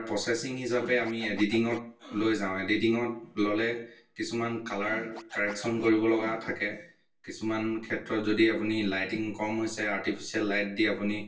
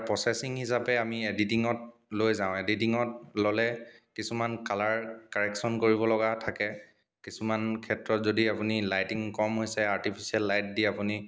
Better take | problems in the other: second | background sound (Scratching (performance technique)); 18 dB below the speech // room echo; dies away in 0.2 s

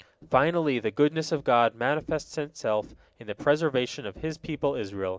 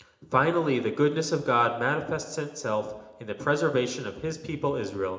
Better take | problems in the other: first | room echo; dies away in 0.8 s

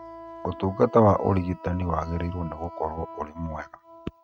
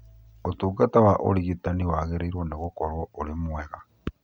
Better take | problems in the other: second | noise reduction (neural mask model RNNoise)

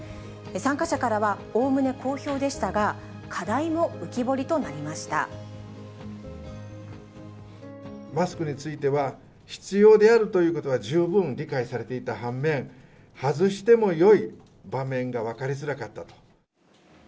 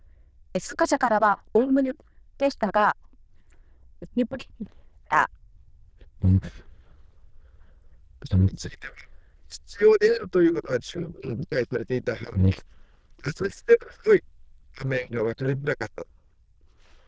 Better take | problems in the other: first | noise reduction (neural diffusion model UNIVERSE++)

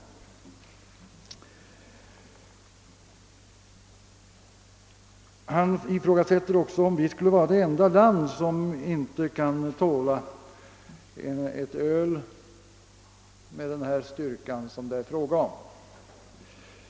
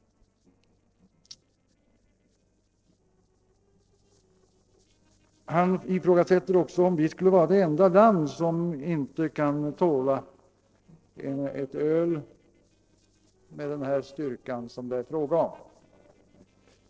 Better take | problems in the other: first | noise reduction (neural separator model SepFormer DNS4)

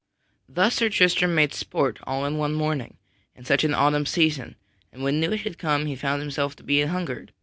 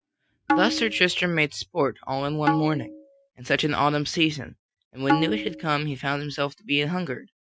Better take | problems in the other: first | noise reduction (classical method Wiener filter)

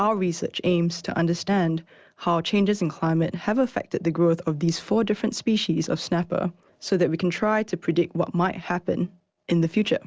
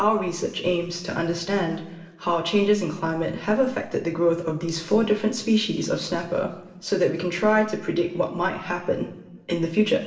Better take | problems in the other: first | room echo; dies away in 1 s

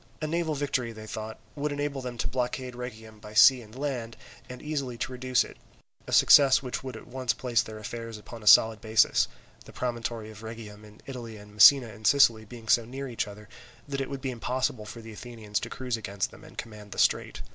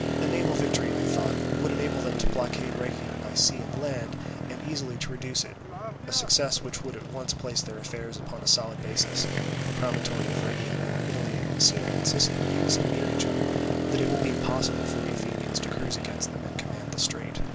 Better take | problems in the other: first | background sound (Motorcycle); 2 dB above the speech

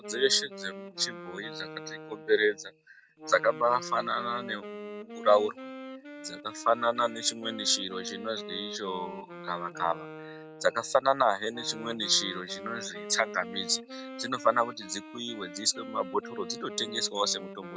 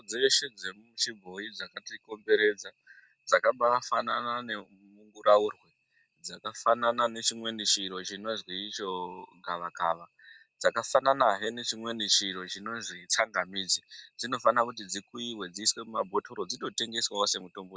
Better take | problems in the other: second | background sound (Wind instrument, woodwind instrument); 12 dB below the speech

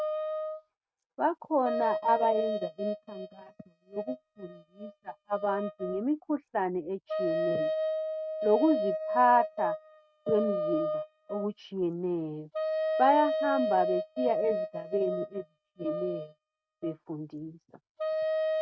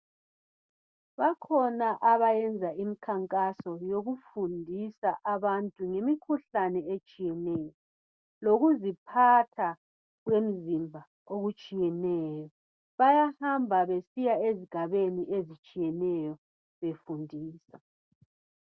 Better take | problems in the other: second | noise reduction (neural mask model RNNoise)

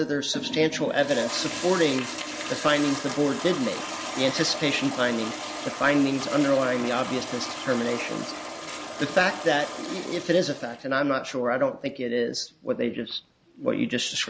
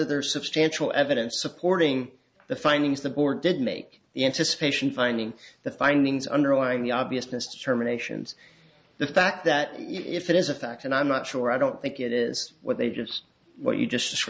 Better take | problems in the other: second | background sound (Toilet flush); 9 dB below the speech

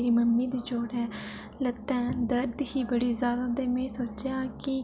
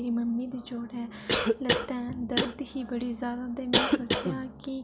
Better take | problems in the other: first | background sound (Cough); 3 dB above the speech

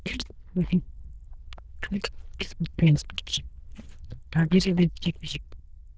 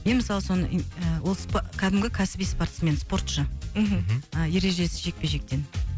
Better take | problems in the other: second | noise reduction (neural diffusion model UNIVERSE++)

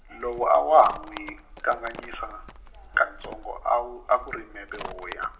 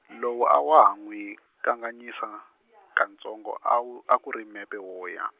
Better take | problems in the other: second | background sound (Livestock, farm animals, working animals); 16 dB below the speech // room echo; dies away in 0.7 s

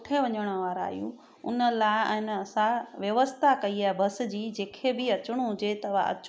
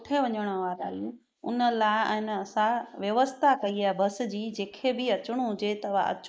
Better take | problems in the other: first | noise reduction (neural mask model Resemble Enhance denoiser)

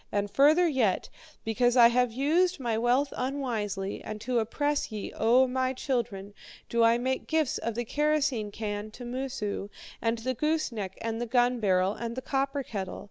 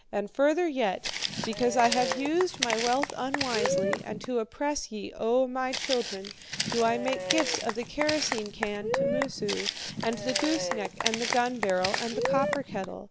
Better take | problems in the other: first | background sound (Walk, footsteps + Applause / Cheering / Clapping); 2 dB below the speech

